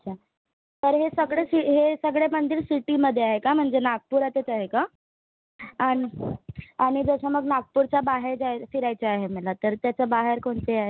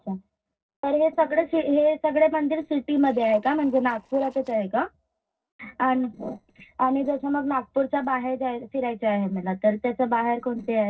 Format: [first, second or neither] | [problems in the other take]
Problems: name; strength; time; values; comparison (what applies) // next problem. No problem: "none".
first | noise reduction (neural separator model SepFormer DNS4)